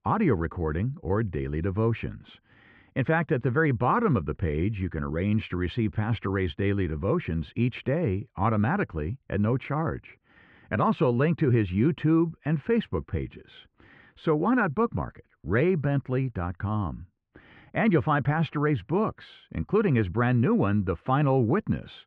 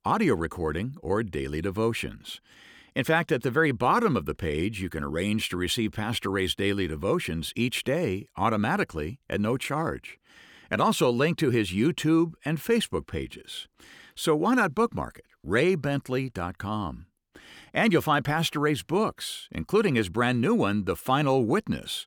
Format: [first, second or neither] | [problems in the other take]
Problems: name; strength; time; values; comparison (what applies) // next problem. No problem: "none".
second | muffled; very; fading above 2 kHz